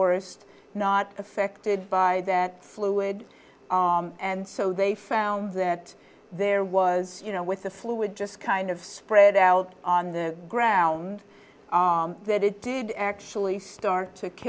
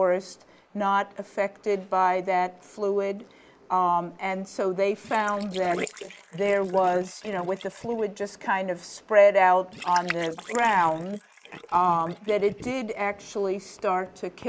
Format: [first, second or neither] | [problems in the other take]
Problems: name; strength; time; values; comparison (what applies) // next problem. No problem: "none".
first | noise reduction (neural mask model Resemble Enhance denoiser)